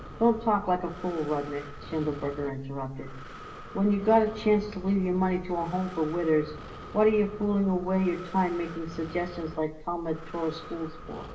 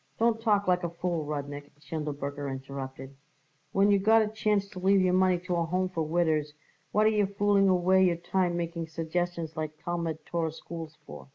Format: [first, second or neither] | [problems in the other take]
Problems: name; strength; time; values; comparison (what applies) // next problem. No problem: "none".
second | background sound (Breathing); 14 dB below the speech // room echo; dies away in 0.6 s